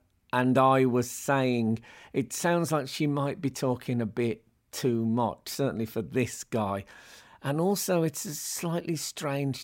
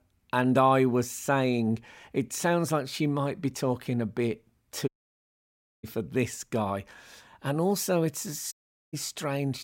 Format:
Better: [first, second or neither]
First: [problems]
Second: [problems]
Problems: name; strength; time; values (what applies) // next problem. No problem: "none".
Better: first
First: none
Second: audio cutting out; at 5 s for 1 s and at 8.5 s